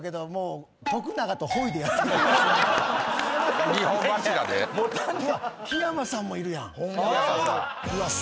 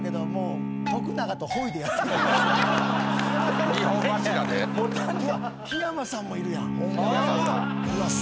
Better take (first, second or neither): first